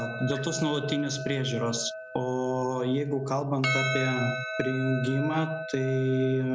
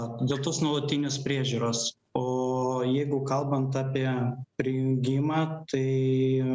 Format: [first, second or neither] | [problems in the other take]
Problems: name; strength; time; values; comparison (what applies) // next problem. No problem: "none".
second | background sound (Percussion); 7 dB below the speech